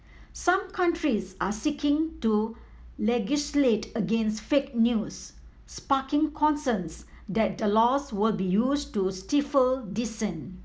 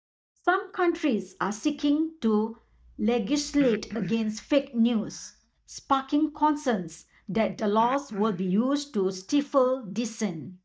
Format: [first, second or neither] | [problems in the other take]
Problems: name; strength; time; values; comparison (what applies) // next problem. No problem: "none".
first | noise reduction (neural mask model DeepFilterNet 3)